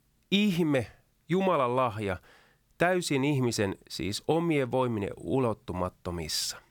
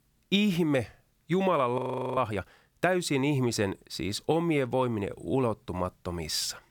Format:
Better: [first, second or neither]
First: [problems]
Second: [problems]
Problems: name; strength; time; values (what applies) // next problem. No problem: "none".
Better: first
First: none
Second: audio freezing; at 2 s